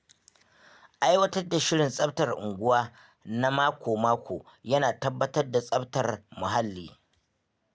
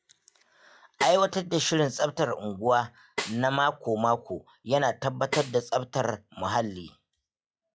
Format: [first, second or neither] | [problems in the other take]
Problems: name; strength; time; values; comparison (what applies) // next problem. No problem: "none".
first | noise reduction (classical method log-MMSE)